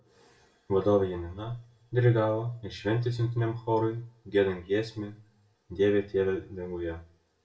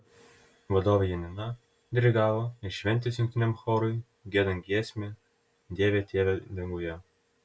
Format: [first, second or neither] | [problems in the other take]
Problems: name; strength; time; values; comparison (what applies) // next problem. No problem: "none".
second | room echo; dies away in 0.3 s